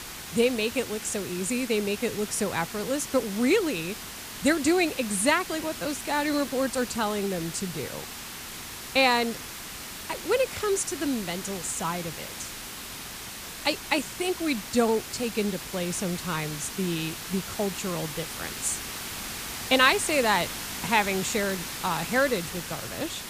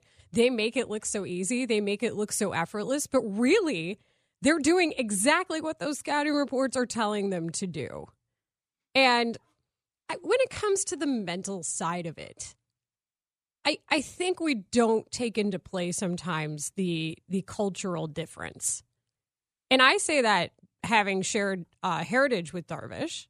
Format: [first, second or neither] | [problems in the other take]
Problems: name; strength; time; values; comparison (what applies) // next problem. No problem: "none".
second | hiss; loud; throughout; 8 dB below the speech